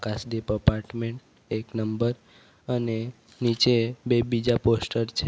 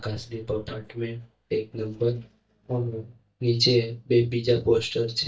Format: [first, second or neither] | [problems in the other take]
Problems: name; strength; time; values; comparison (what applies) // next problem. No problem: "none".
first | noise reduction (neural mask model DeepFilterNet 3)